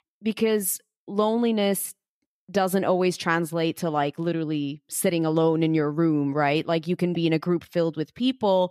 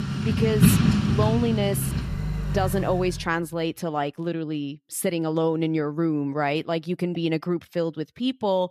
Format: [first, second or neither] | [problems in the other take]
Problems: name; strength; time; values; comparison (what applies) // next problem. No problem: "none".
first | traffic noise; very loud; until 3 s; 3 dB above the speech